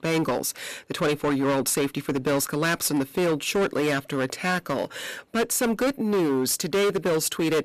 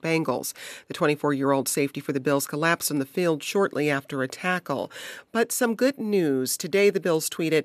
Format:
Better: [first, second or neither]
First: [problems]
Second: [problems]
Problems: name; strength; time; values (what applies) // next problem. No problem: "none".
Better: second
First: distortion; heavy; 17% of the sound clipped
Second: none